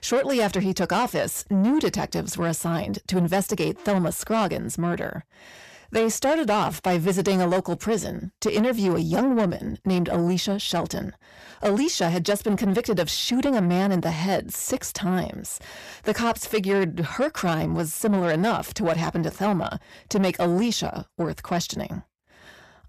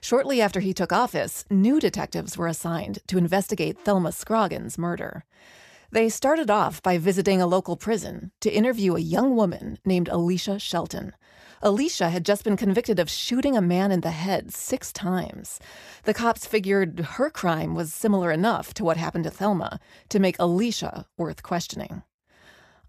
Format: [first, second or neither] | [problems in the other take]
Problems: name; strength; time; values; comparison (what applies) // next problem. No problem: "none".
second | distortion; slight; 10 dB below the speech